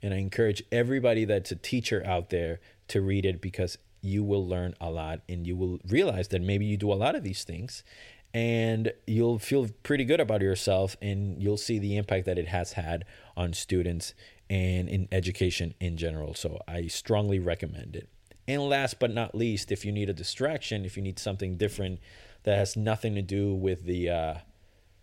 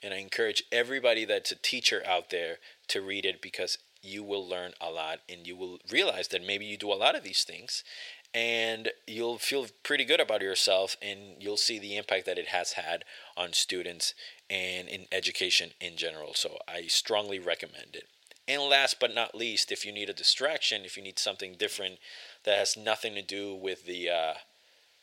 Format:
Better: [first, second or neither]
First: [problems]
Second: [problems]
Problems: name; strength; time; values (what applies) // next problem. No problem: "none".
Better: first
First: none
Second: thin; very; fading below 650 Hz